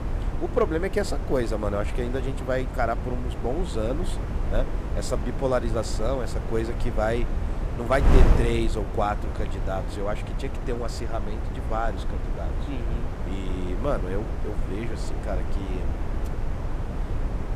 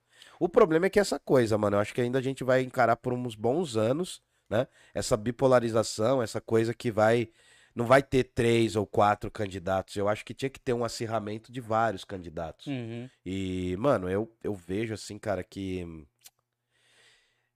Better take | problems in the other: second | wind noise on the microphone; heavy; 8 dB below the speech

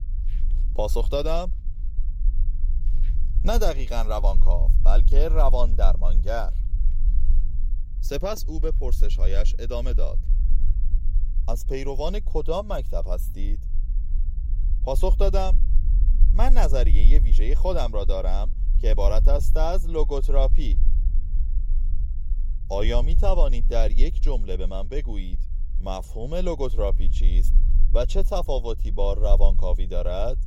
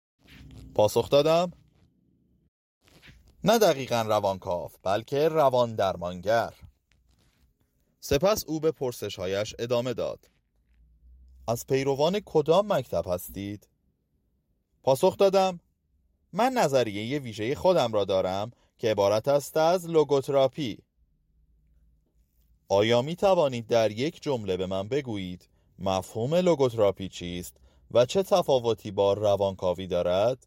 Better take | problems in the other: second | low rumble; noticeable; throughout; 20 dB below the speech

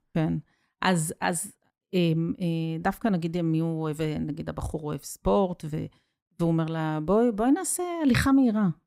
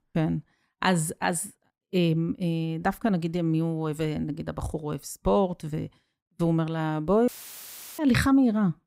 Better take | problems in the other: first | audio cutting out; filled with static; at 7.5 s for 0.5 s

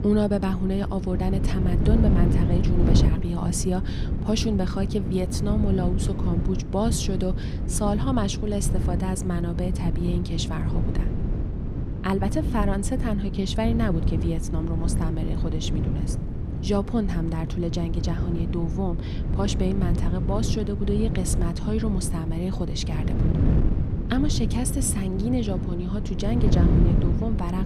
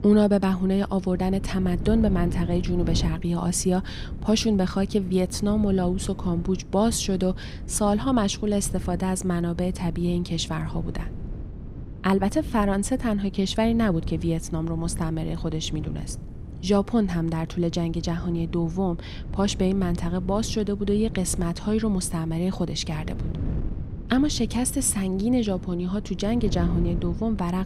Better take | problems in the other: second | wind noise on the microphone; heavy; 5 dB below the speech; occasional gusts in the second

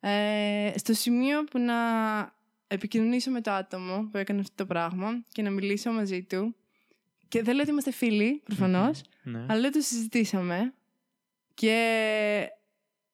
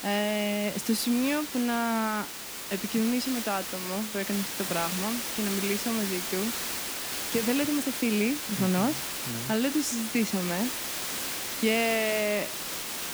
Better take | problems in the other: first | hiss; loud; throughout; 3 dB below the speech

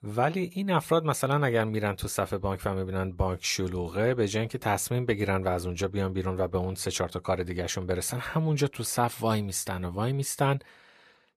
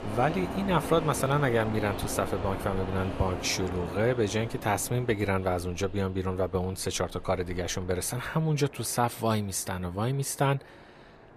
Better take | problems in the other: first | train or aircraft noise; loud; throughout; 9 dB below the speech

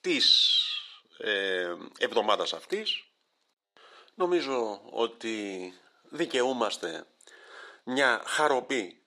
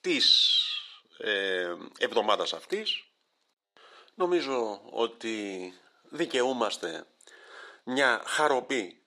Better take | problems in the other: neither | thin; somewhat; fading below 350 Hz; the same in both

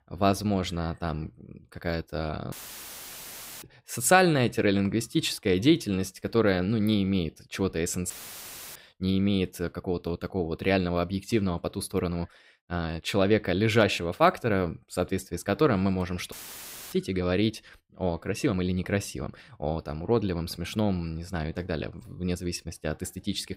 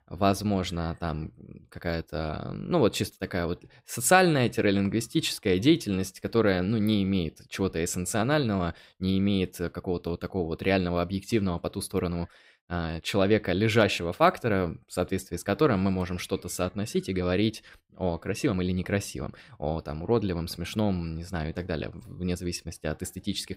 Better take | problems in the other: second | audio cutting out; filled with static; at 2.5 s for 1 s, at 8 s for 0.5 s and at 16 s for 0.5 s

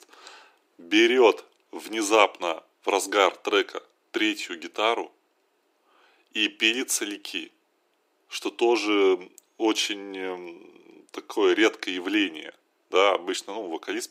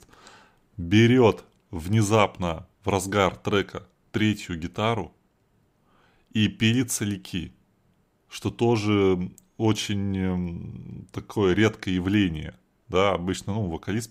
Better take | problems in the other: second | thin; very; fading below 300 Hz

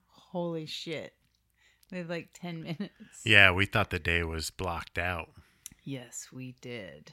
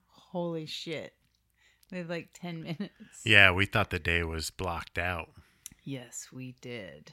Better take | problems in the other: neither | none

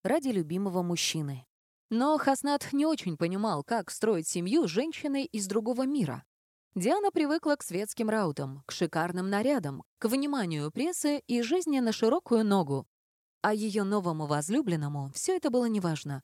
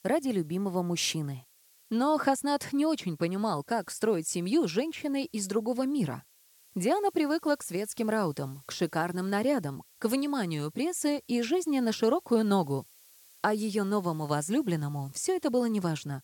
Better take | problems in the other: first | hiss; faint; throughout; 25 dB below the speech

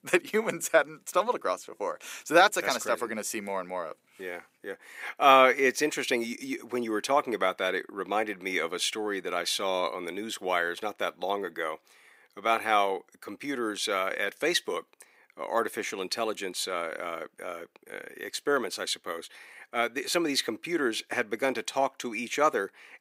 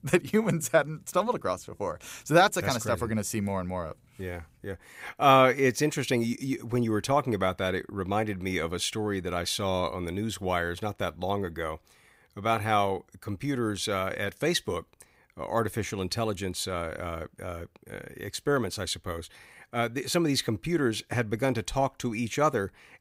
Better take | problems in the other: second | thin; somewhat; fading below 300 Hz

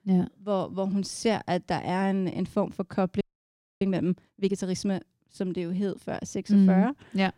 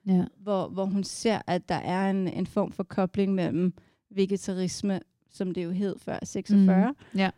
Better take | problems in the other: second | audio freezing; at 3 s for 0.5 s

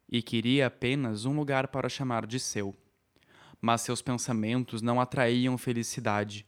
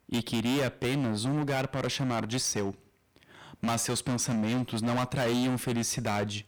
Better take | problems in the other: first | distortion; heavy; 23% of the sound clipped

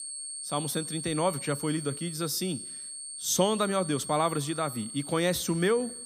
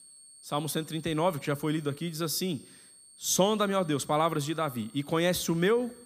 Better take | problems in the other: second | high-pitched whine; loud; throughout; 8.5 kHz, 8 dB below the speech; faint in the second

